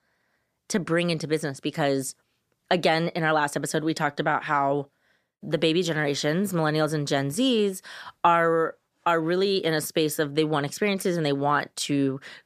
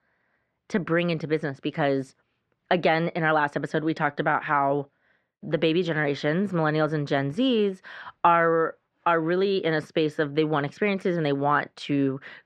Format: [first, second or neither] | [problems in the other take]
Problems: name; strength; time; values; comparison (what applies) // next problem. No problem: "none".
first | muffled; slightly; fading above 2.5 kHz